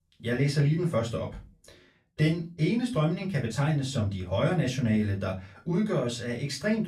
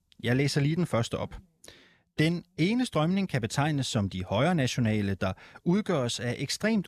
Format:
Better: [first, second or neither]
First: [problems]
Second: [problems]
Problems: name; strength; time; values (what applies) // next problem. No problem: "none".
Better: second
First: off-mic speech; far // room echo; very slight; dies away in 0.2 s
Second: none